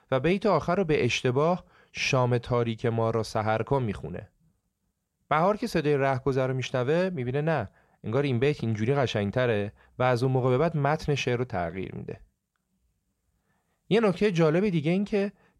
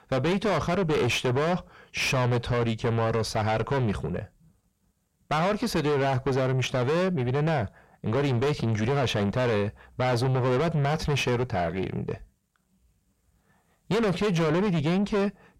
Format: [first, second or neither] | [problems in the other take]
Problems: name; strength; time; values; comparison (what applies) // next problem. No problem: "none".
first | distortion; heavy; 5 dB below the speech